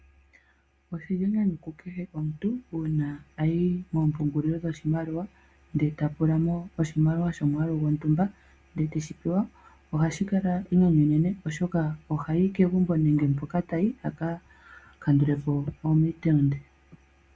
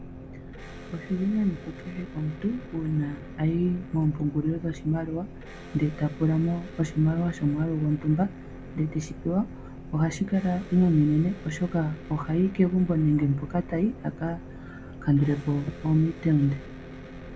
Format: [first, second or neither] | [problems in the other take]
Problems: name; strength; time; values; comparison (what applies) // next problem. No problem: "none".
first | background sound (Boat, Water vehicle + Electric guitar); 14 dB below the speech